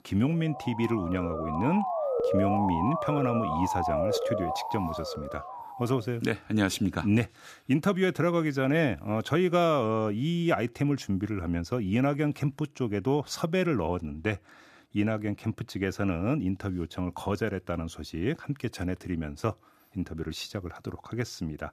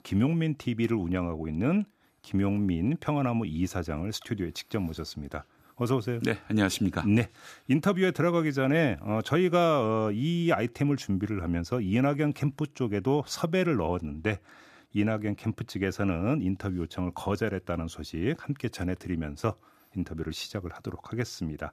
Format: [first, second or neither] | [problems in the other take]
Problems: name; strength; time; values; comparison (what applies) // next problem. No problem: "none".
second | siren; loud; until 6 s; peak 2 dB above the speech